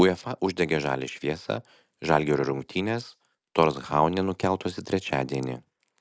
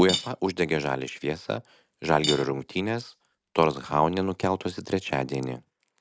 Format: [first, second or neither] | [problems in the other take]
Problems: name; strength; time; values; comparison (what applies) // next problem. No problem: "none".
first | background sound (Cutlery, silverware / Dishes, pots, and pans); 10 dB below the speech